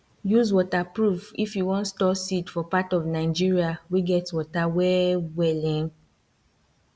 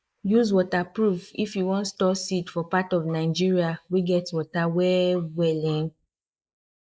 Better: first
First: none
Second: noise reduction (neural mask model Resemble Enhance denoiser)

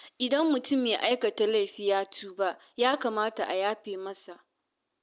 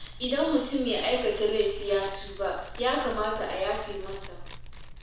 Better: first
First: none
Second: background sound (Fire); 11 dB below the speech // room echo; dies away in 0.7 s

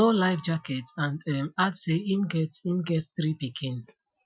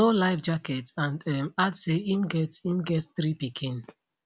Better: second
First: noise reduction (classical method Wiener filter)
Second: none

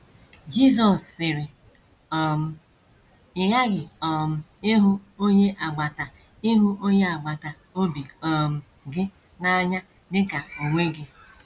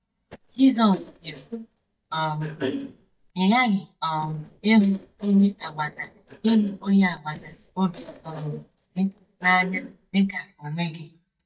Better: first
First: none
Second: noise reduction (neural mask model DeepFilterNet 3)

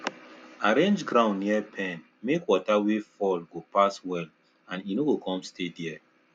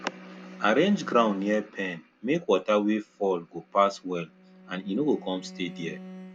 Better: first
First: none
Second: background sound (Bowed string instrument); 18 dB below the speech

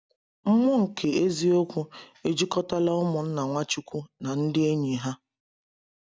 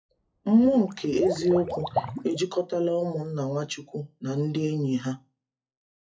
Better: first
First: none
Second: noise reduction (classical method WPE with log-MMSE)

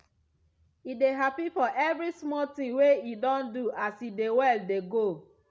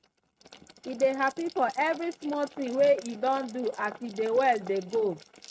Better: first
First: none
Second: noise reduction (neural mask model RNNoise)

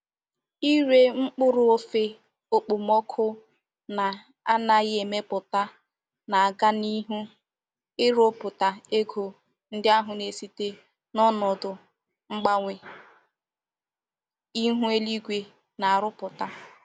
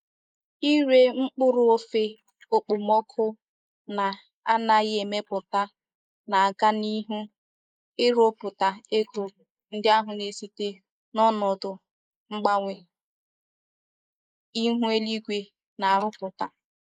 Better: first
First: none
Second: noise reduction (neural mask model Resemble Enhance denoiser)

